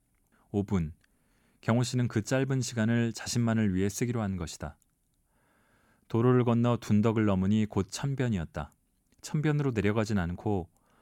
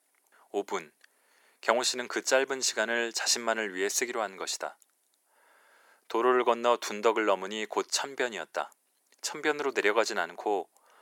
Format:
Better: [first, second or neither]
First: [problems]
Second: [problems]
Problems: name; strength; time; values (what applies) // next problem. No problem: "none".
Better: first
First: none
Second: thin; very; fading below 400 Hz